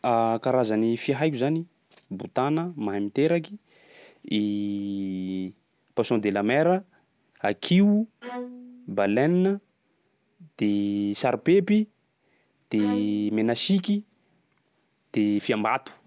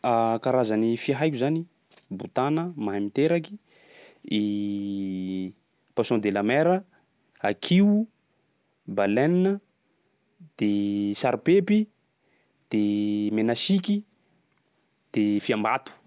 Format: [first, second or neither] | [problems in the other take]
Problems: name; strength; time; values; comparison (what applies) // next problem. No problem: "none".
second | background sound (Bowed string instrument); 17 dB below the speech